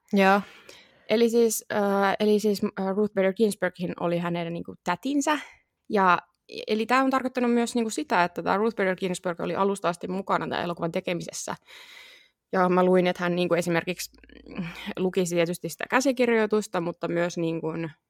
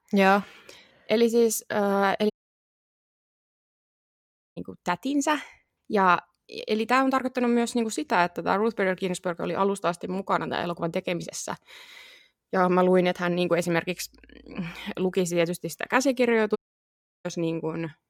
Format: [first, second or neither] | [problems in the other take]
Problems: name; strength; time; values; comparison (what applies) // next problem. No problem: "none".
first | audio cutting out; at 2.5 s for 2.5 s and at 17 s for 0.5 s